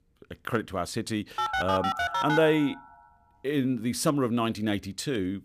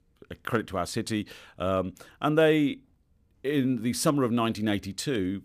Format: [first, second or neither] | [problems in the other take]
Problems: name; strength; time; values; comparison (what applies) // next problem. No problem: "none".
second | phone ringing; loud; from 1.5 to 2.5 s; peak 1 dB above the speech